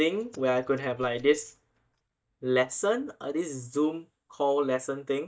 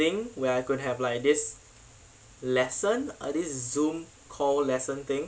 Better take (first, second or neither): second